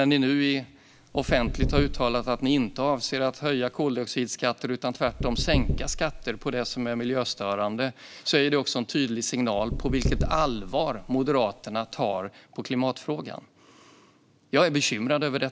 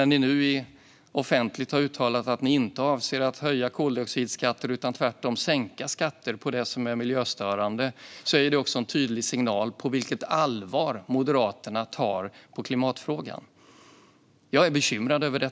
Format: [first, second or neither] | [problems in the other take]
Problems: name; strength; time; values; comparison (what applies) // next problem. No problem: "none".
second | background sound (Knock / Wood); 5 dB below the speech